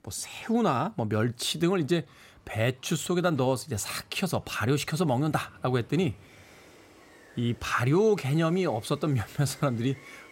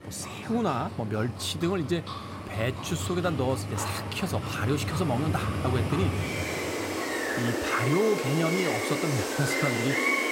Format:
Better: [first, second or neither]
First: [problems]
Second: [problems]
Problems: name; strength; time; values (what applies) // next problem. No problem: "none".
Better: first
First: animal sounds; faint; throughout; 25 dB below the speech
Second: animal sounds; loud; throughout; 1 dB below the speech